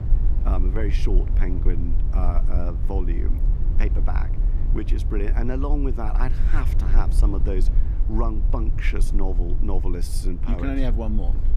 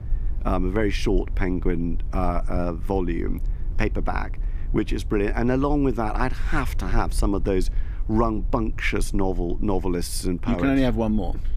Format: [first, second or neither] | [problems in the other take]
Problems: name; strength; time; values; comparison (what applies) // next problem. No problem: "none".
second | low rumble; loud; throughout; 9 dB below the speech; faint in the second